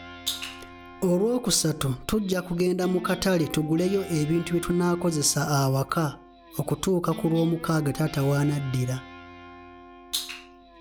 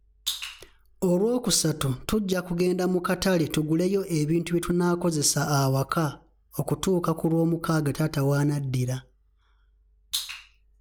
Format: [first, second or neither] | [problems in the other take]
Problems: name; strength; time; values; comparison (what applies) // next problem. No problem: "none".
second | background sound (Guitar); 17 dB below the speech